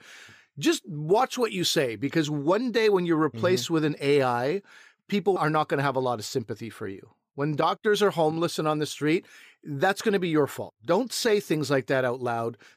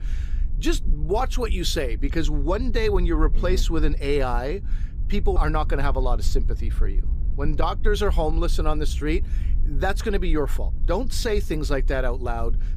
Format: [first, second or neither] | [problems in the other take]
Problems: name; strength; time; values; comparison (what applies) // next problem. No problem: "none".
first | low rumble; faint; throughout; 20 dB below the speech